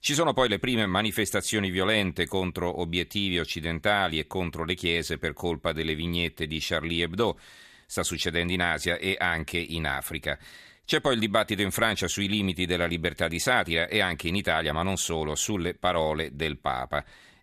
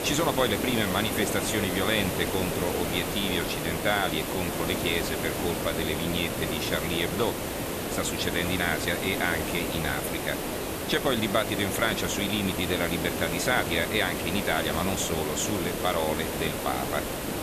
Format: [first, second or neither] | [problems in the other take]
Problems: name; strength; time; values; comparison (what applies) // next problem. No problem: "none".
first | hiss; loud; throughout; 2 dB below the speech